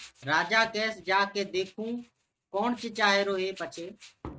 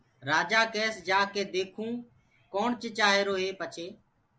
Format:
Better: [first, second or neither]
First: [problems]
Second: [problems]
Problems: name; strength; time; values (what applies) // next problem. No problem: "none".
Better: second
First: noise reduction (neural mask model RNNoise)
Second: none